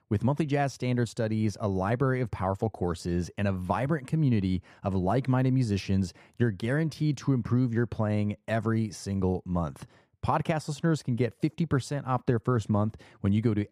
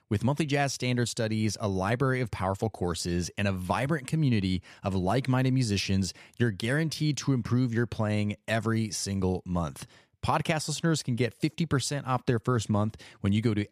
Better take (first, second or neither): second